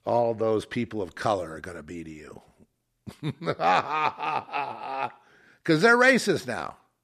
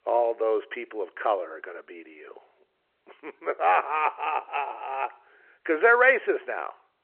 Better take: first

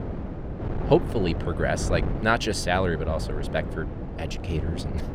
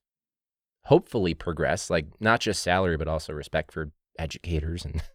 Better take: second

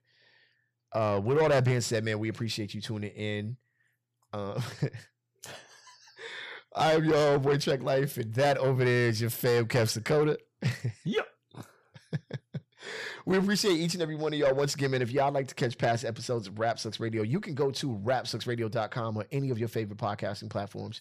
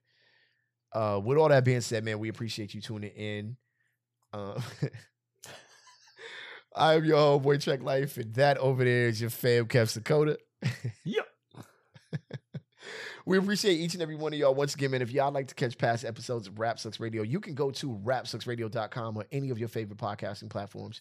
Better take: second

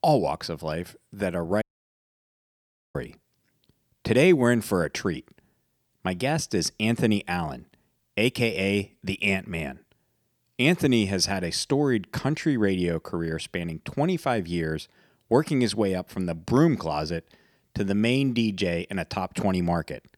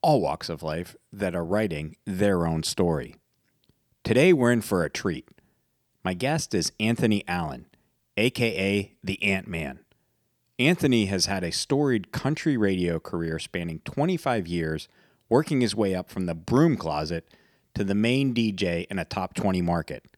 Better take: second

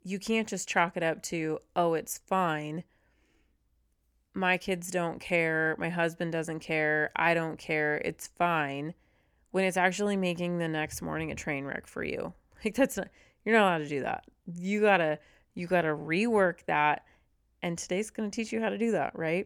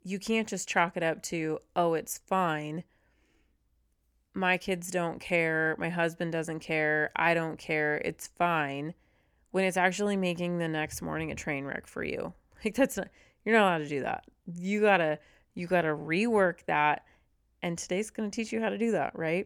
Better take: neither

